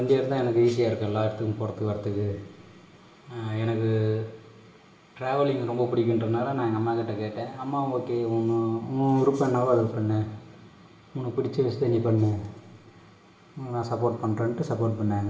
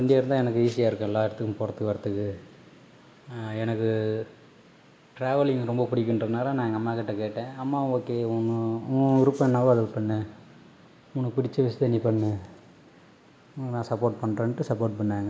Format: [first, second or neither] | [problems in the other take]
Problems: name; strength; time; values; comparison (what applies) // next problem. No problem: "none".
second | room echo; dies away in 0.8 s